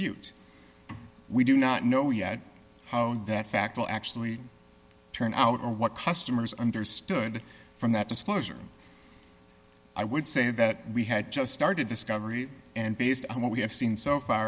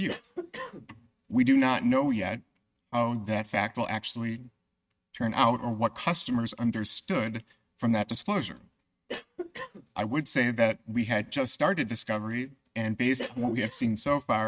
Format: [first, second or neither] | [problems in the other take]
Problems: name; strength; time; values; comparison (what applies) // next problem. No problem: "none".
first | noise reduction (neural mask model RNNoise)